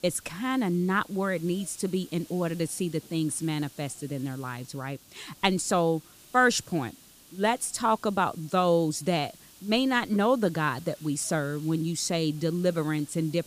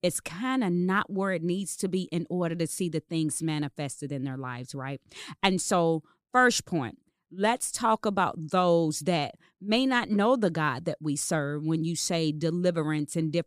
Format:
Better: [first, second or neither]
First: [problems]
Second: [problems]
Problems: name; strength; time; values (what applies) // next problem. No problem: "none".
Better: second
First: hiss; faint; throughout; 20 dB below the speech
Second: none